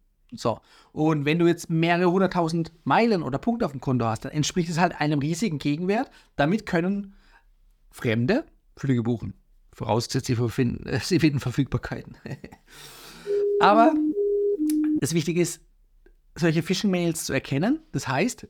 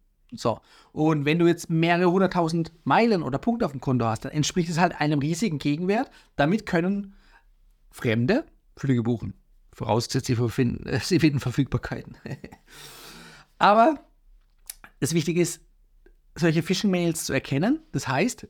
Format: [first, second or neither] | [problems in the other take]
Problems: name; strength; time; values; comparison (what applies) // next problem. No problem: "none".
second | siren; loud; from 13 to 15 s; peak 1 dB above the speech